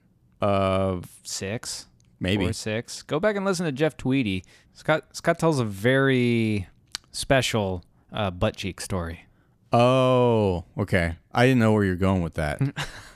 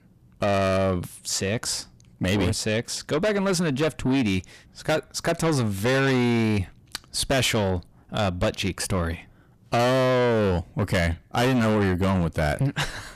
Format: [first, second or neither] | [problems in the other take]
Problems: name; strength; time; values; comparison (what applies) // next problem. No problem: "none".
first | distortion; heavy; 6 dB below the speech